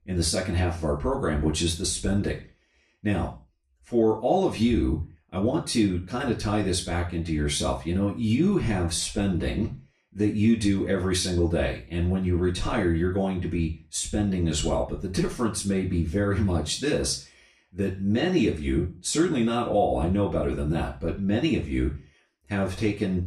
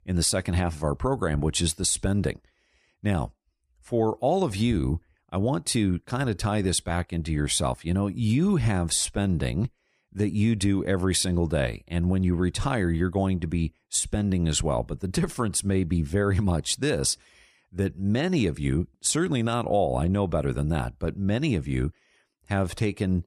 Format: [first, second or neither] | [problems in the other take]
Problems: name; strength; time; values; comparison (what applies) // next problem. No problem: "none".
second | room echo; slight; dies away in 0.3 s // off-mic speech; far